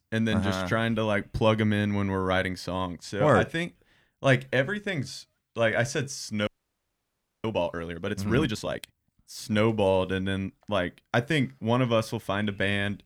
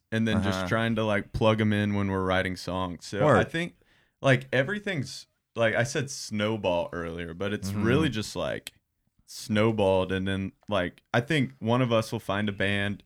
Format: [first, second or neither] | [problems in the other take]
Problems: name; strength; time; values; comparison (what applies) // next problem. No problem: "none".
second | audio freezing; at 6.5 s for 1 s